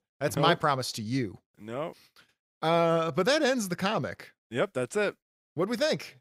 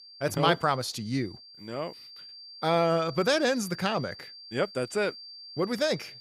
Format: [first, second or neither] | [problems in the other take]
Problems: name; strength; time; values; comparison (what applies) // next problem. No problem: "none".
first | high-pitched whine; noticeable; throughout; 4.5 kHz, 15 dB below the speech